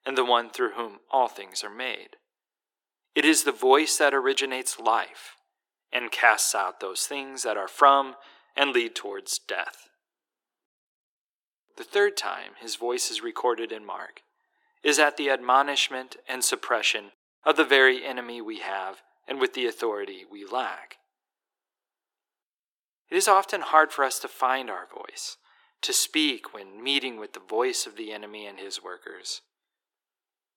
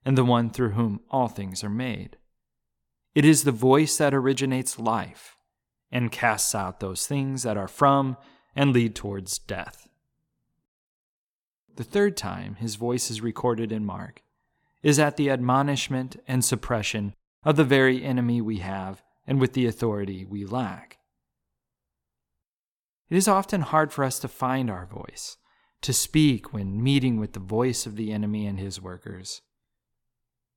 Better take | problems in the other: second | thin; very; fading below 350 Hz

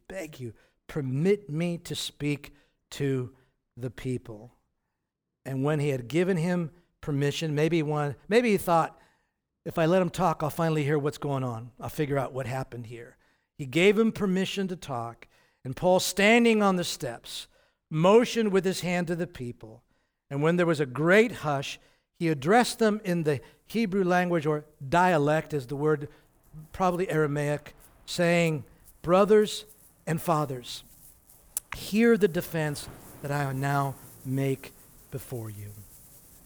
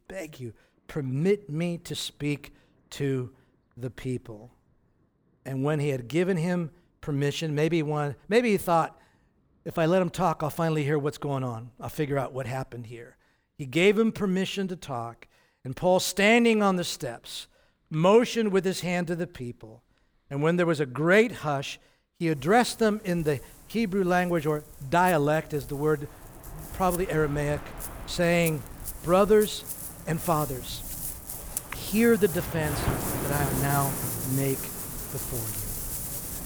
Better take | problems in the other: first | rain or running water; loud; throughout; 8 dB below the speech; faint in the first

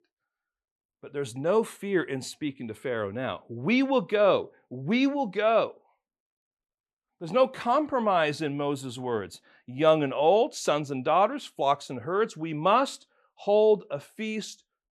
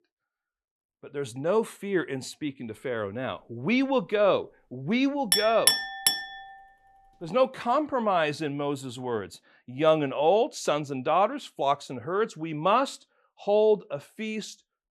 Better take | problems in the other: first | clattering dishes; loud; at 5.5 s; peak 5 dB above the speech

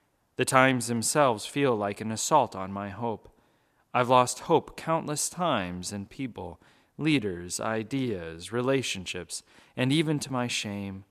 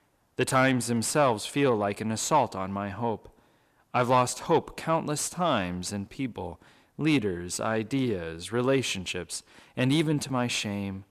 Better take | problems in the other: first | distortion; slight; 10 dB below the speech

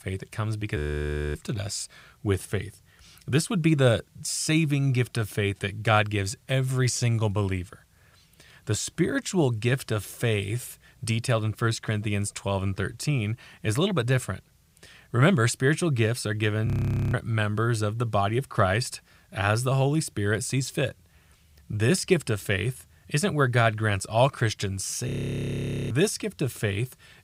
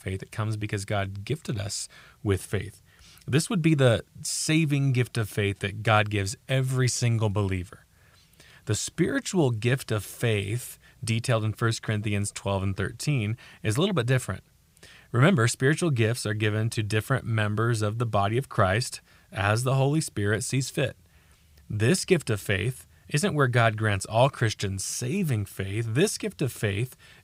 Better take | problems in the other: second | audio freezing; at 1 s for 0.5 s, at 17 s and at 25 s for 1 s

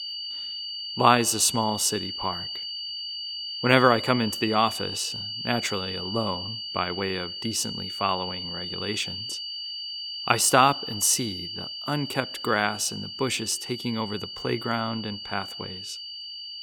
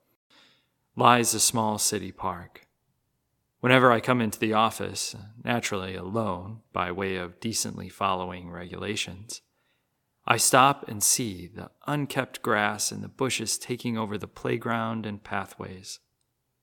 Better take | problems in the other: second | high-pitched whine; loud; throughout; 4.5 kHz, 7 dB below the speech

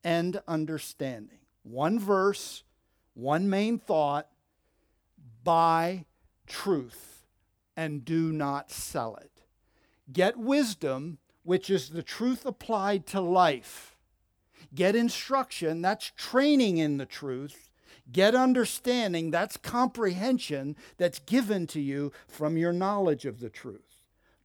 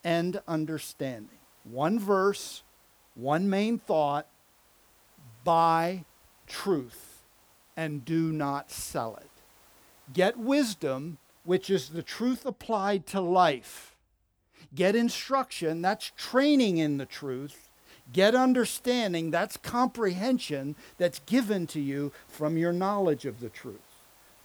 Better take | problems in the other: first | hiss; faint; until 12 s and from 16 s on; 30 dB below the speech

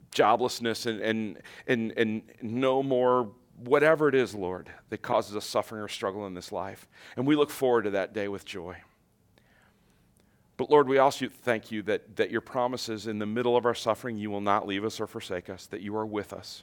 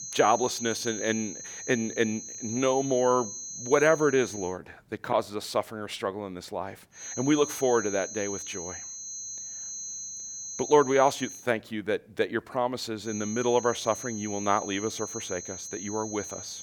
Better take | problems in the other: first | high-pitched whine; loud; until 4.5 s, from 7 to 11 s and from 13 s on; 6.5 kHz, 8 dB below the speech

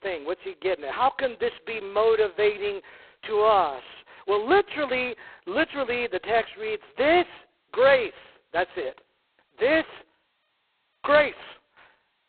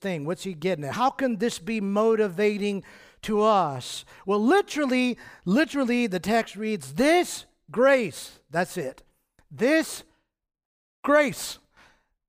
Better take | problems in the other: second | phone-call audio; poor line; nothing above 4 kHz

